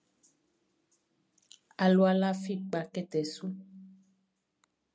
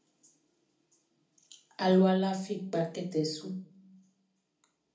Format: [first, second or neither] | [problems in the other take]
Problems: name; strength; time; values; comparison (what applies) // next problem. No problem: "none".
first | room echo; dies away in 0.4 s